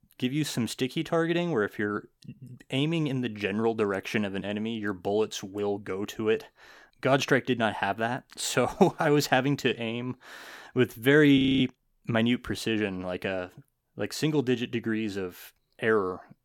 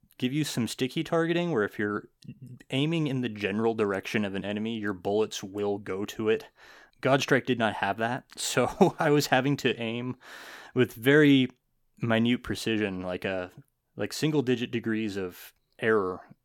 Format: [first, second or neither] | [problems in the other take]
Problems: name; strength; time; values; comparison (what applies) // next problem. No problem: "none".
second | audio freezing; at 11 s